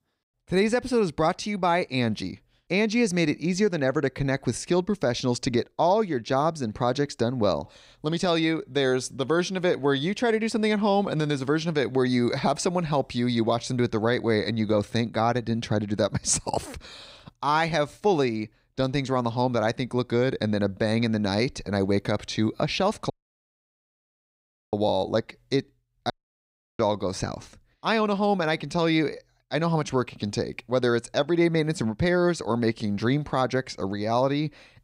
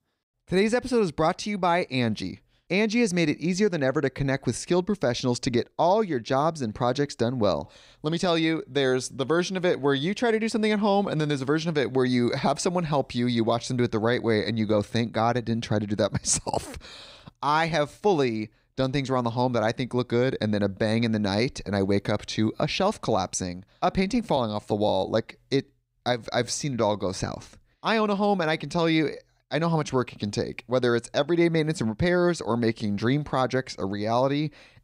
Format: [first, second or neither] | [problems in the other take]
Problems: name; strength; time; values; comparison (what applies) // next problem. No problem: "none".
second | audio cutting out; at 23 s for 1.5 s and at 26 s for 0.5 s